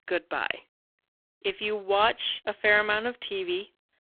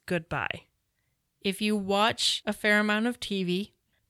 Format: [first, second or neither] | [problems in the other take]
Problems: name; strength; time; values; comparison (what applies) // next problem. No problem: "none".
second | phone-call audio; poor line